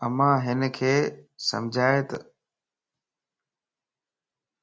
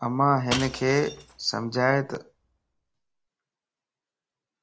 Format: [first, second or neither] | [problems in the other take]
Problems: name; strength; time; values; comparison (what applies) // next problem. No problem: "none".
first | background sound (Shatter / Crushing); 11 dB below the speech